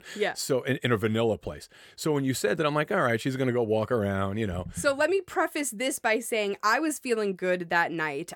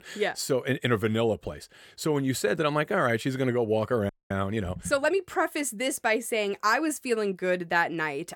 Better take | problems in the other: first | audio freezing; at 4 s

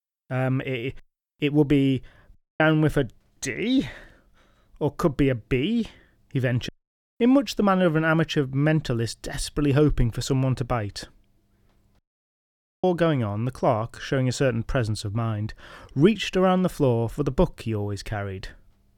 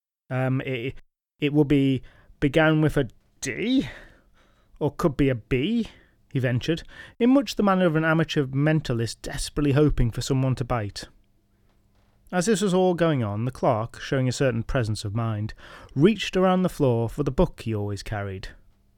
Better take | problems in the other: second | audio cutting out; at 2.5 s, at 6.5 s and at 12 s for 1 s

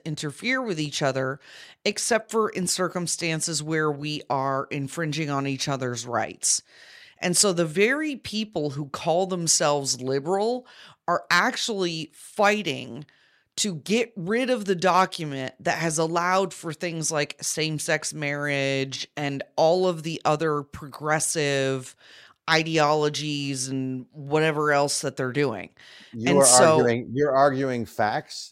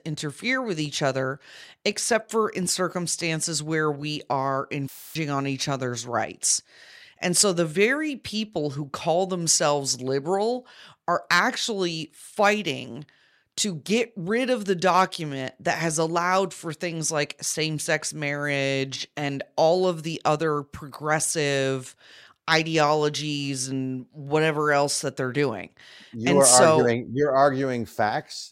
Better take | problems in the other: first | audio cutting out; filled with static; at 5 s

